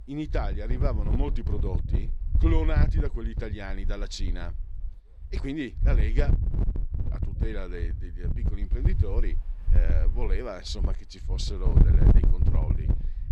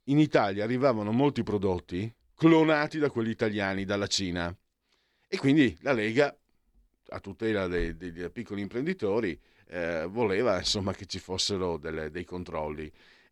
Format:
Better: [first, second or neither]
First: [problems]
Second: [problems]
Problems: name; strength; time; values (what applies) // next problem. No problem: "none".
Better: second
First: wind noise on the microphone; heavy; 5 dB below the speech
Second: none